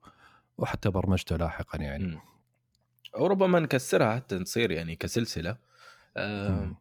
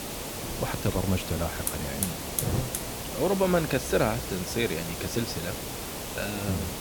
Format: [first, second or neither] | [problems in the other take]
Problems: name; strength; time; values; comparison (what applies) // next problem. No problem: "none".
first | hiss; loud; throughout; 3 dB below the speech